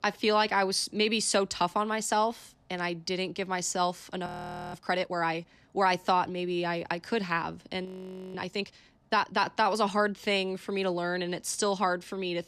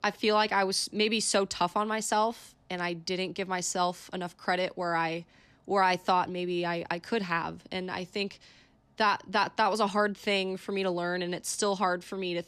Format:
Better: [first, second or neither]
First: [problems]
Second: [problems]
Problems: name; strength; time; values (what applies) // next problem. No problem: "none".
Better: second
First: audio freezing; at 4.5 s and at 8 s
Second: none